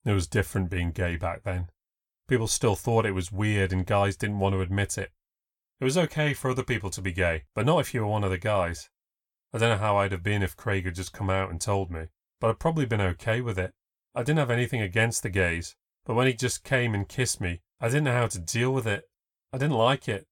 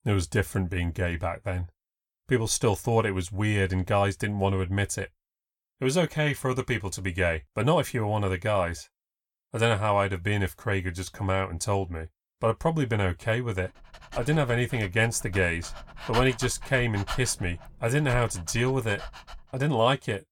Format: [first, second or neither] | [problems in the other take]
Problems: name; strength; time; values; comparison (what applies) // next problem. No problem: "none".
first | dog barking; noticeable; from 14 to 19 s; peak 6 dB below the speech